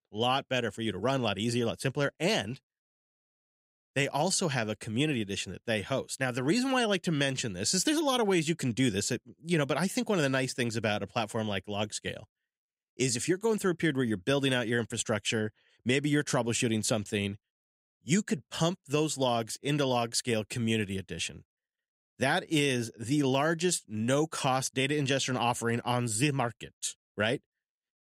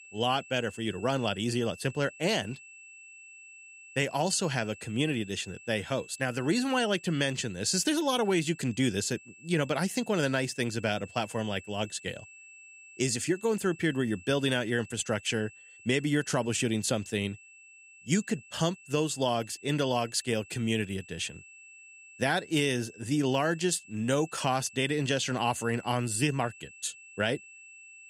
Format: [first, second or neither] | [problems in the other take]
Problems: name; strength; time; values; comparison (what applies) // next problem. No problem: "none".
first | high-pitched whine; noticeable; throughout; 2.5 kHz, 20 dB below the speech